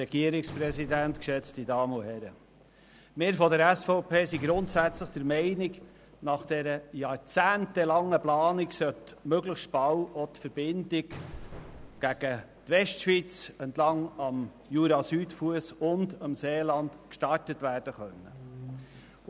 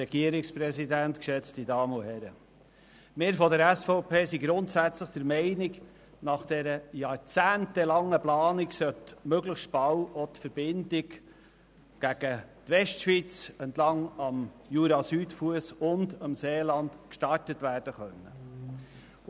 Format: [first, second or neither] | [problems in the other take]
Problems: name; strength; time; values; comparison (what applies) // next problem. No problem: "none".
second | background sound (Explosion); 18 dB below the speech